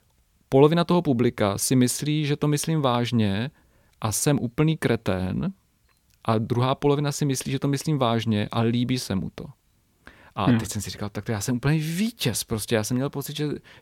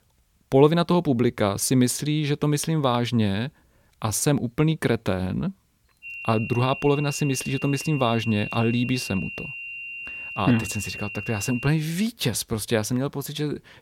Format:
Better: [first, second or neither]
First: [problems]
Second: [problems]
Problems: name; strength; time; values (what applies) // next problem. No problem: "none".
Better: first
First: none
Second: high-pitched whine; loud; from 6 to 12 s; 3 kHz, 10 dB below the speech